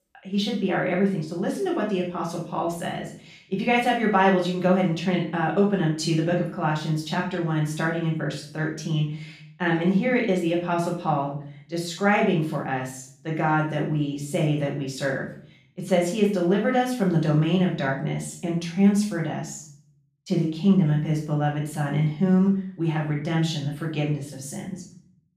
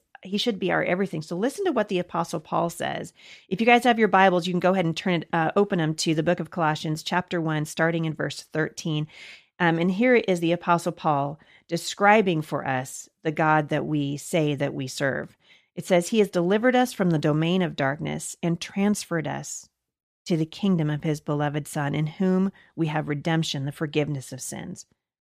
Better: second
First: room echo; noticeable; dies away in 0.5 s // off-mic speech; far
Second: none

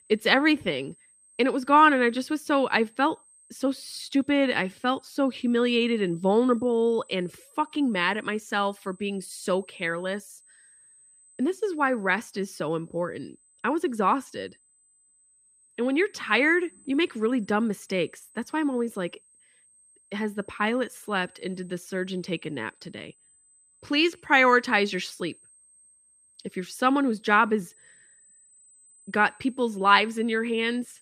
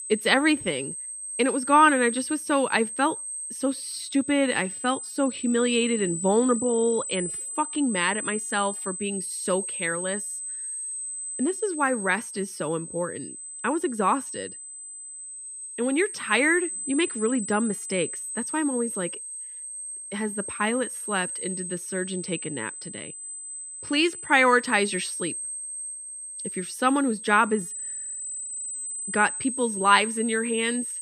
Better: first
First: high-pitched whine; faint; throughout; 8.5 kHz, 30 dB below the speech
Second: high-pitched whine; loud; throughout; 8.5 kHz, 7 dB below the speech

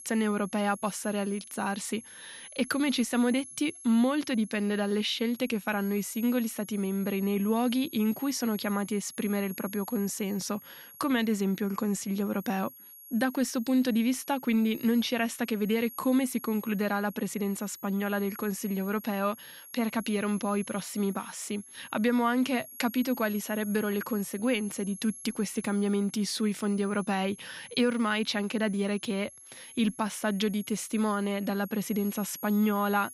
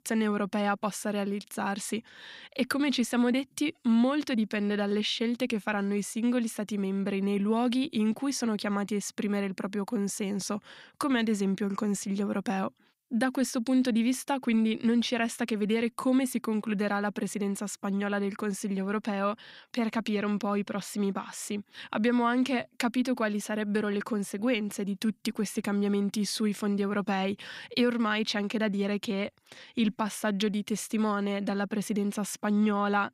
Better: second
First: high-pitched whine; noticeable; throughout; 11.5 kHz, 15 dB below the speech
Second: none

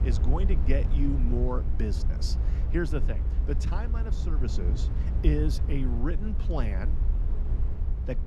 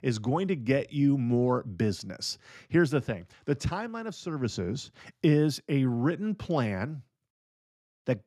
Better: second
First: low rumble; loud; throughout; 8 dB below the speech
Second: none

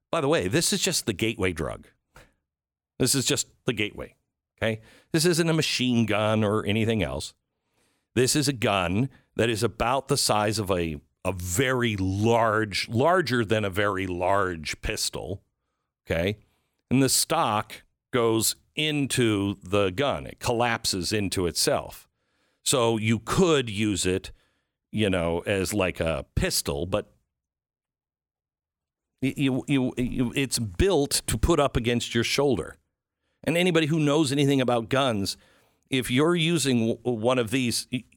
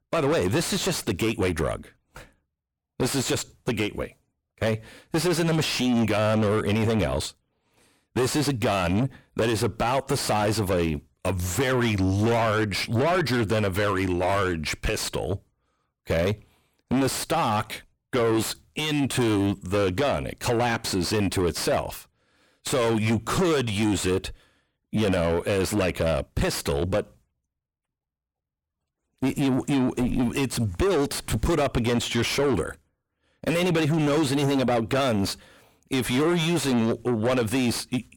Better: first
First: none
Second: distortion; heavy; 6 dB below the speech

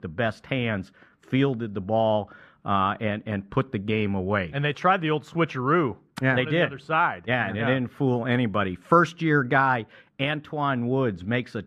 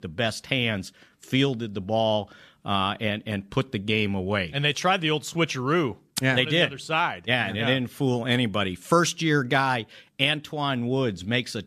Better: second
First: muffled; very; fading above 3 kHz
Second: none

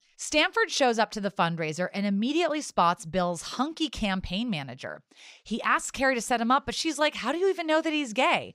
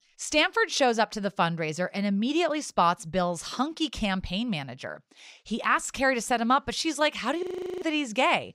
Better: first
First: none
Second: audio freezing; at 7.5 s

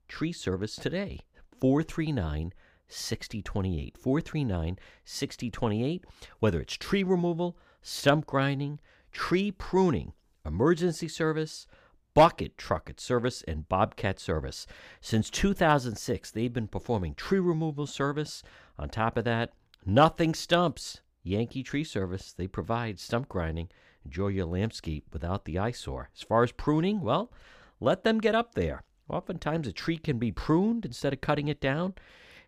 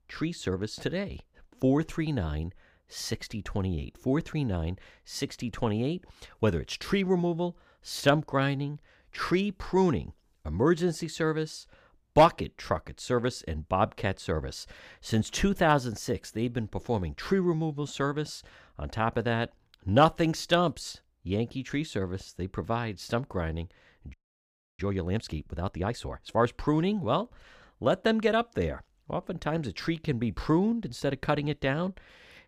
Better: first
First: none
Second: audio freezing; at 24 s for 0.5 s

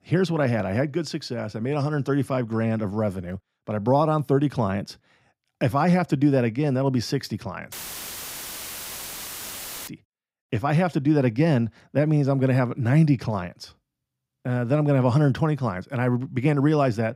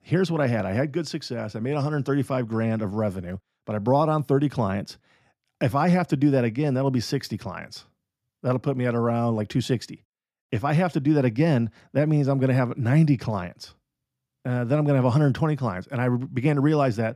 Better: second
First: audio cutting out; filled with static; at 7.5 s for 2 s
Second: none

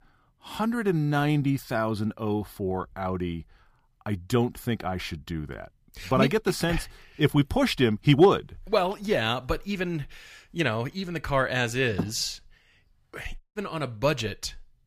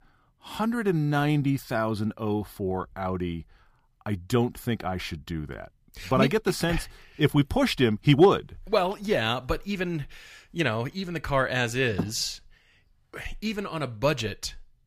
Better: second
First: audio cutting out; at 13 s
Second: none

